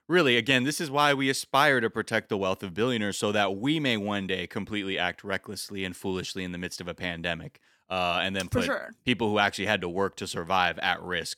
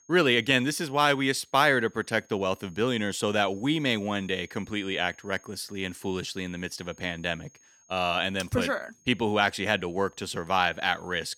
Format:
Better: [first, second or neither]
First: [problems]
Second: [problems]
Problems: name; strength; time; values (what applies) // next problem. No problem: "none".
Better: first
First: none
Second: high-pitched whine; faint; throughout; 6.5 kHz, 30 dB below the speech